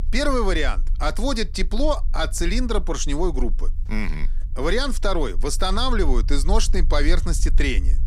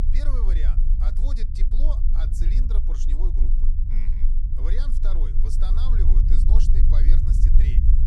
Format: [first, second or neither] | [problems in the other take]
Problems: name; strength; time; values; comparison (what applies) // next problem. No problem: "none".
first | low rumble; loud; throughout; 1 dB below the speech; faint in the first